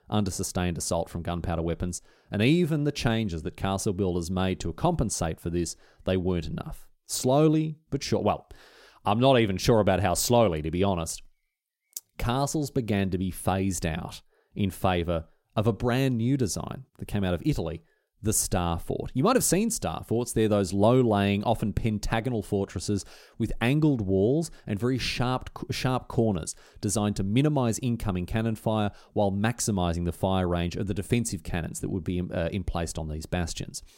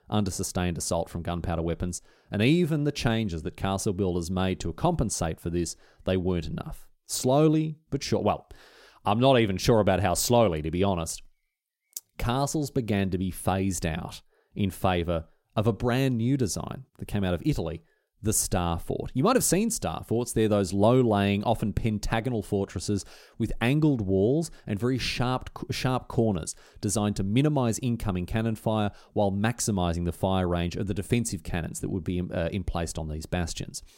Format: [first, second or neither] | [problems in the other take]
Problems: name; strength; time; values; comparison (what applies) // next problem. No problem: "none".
neither | none